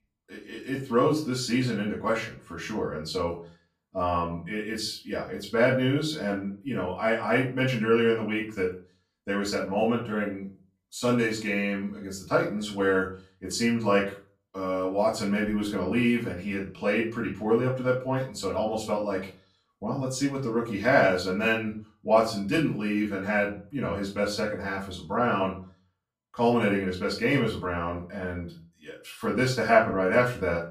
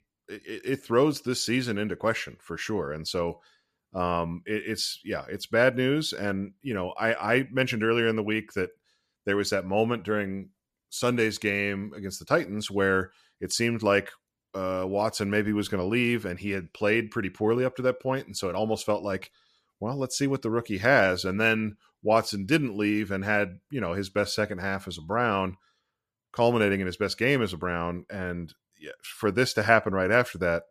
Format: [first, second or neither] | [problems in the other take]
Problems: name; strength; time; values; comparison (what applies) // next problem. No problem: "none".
second | off-mic speech; far // room echo; slight; dies away in 0.3 s